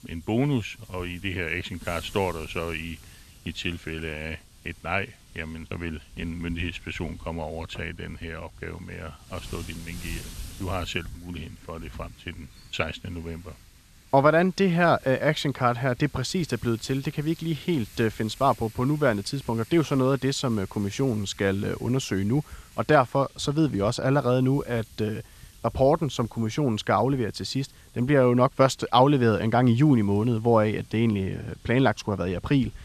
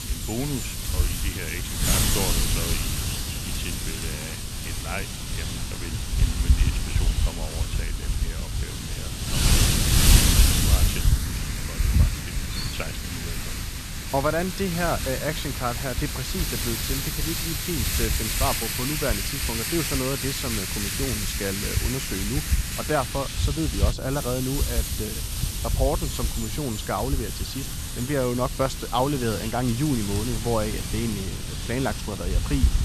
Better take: first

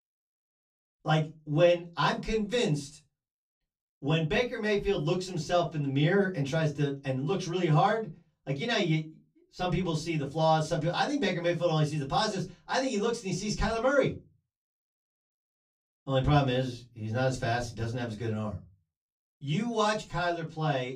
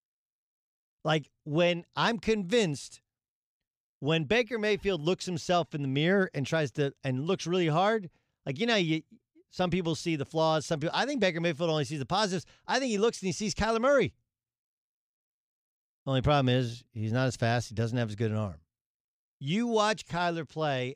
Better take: second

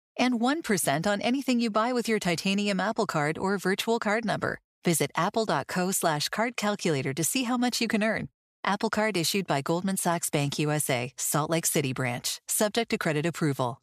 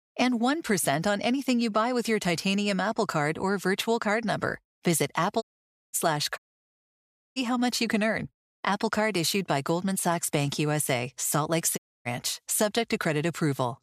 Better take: first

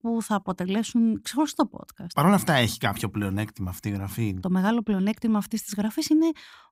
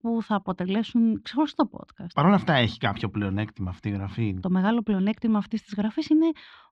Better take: first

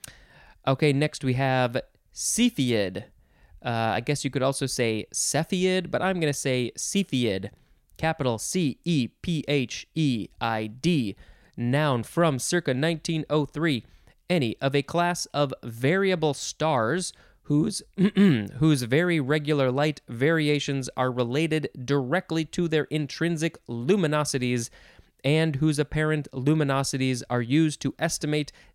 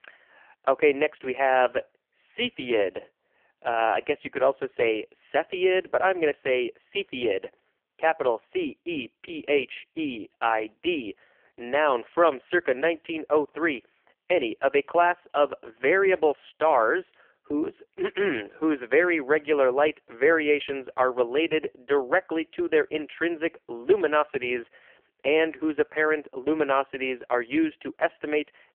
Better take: first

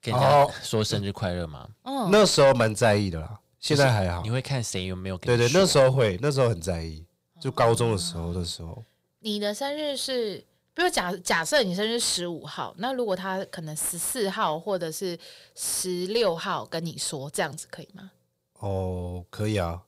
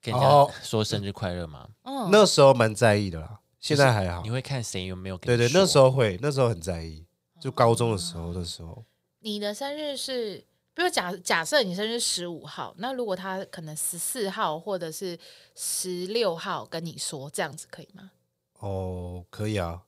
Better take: second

